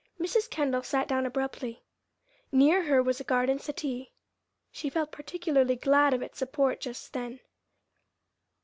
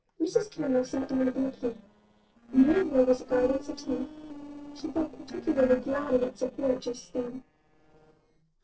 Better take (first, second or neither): first